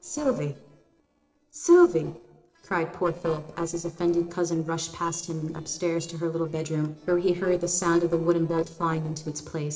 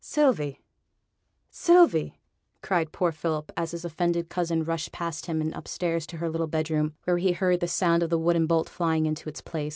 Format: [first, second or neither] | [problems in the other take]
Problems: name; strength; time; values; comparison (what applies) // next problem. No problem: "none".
second | noise reduction (neural separator model SepFormer DNS4)